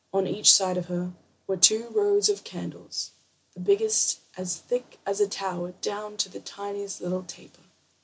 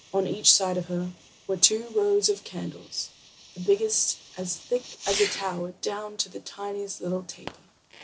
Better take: first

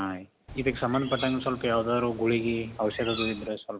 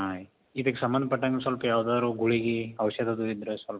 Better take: second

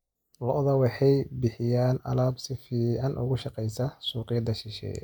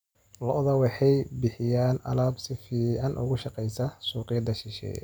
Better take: second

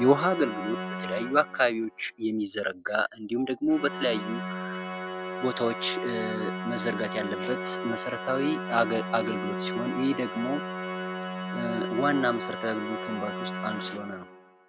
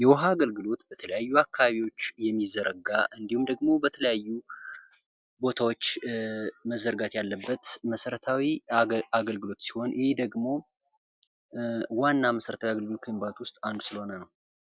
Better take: second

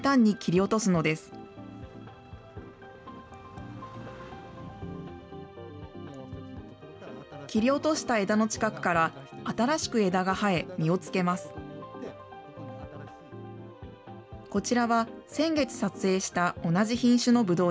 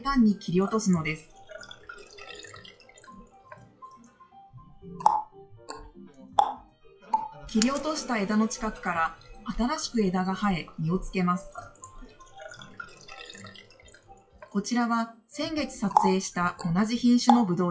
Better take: first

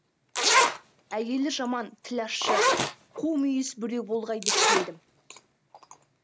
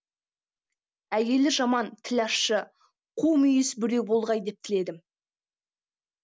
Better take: second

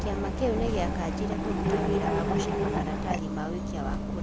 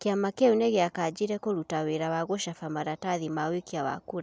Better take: second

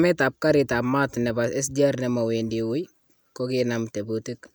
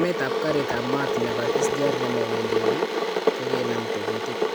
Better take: first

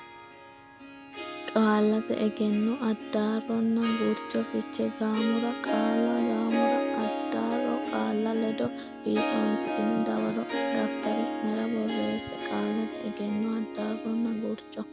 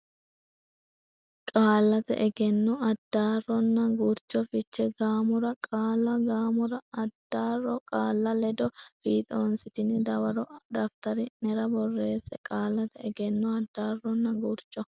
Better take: second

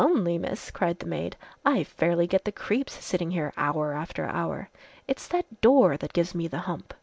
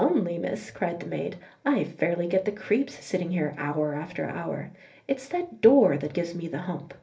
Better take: first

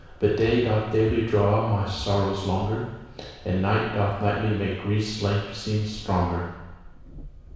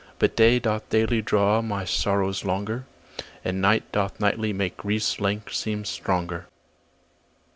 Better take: second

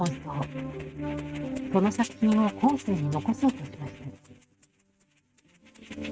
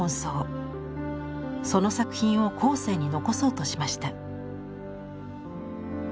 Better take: second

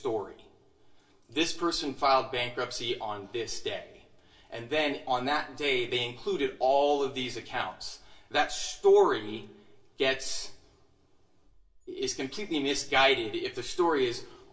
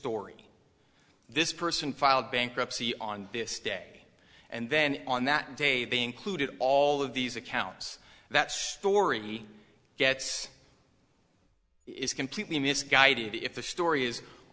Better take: second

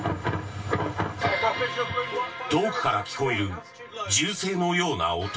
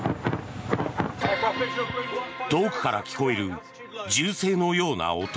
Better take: second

